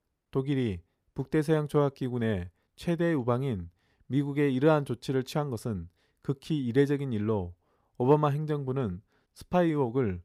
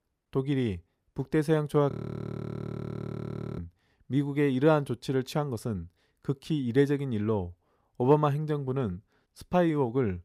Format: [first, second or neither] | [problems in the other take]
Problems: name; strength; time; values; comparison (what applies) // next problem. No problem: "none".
first | audio freezing; at 2 s for 1.5 s